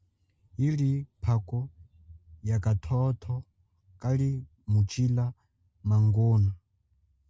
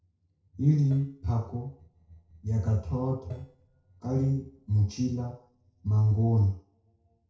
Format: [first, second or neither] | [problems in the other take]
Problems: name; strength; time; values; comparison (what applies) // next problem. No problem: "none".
first | noise reduction (neural separator model SepFormer DNS4)